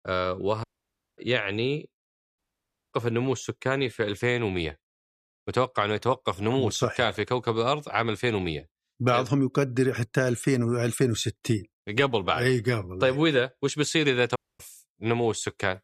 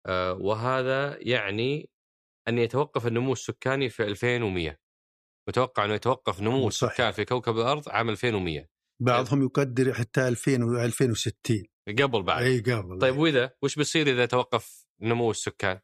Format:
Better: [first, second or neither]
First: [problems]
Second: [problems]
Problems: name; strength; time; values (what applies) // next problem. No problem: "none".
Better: second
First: audio cutting out; at 0.5 s for 0.5 s, at 2.5 s for 0.5 s and at 14 s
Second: none